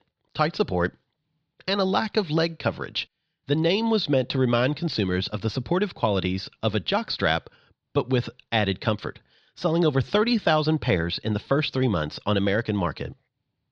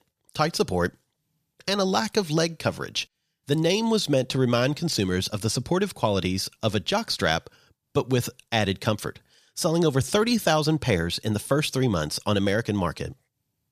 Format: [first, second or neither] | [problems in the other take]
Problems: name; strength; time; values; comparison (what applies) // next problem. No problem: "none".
second | muffled; very slightly; fading above 4 kHz